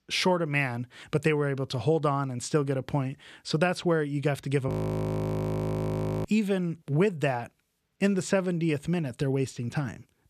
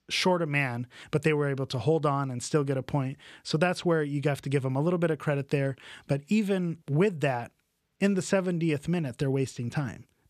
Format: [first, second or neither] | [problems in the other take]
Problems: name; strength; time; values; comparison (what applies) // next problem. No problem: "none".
second | audio freezing; at 4.5 s for 1.5 s